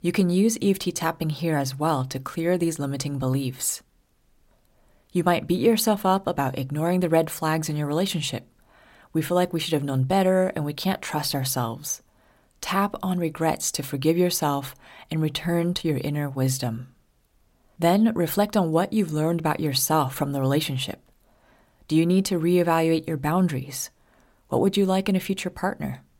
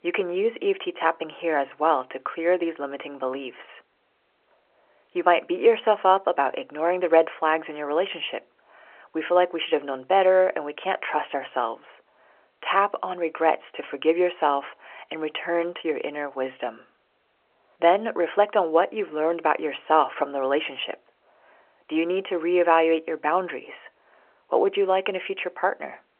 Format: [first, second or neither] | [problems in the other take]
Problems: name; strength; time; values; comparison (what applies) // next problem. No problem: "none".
first | phone-call audio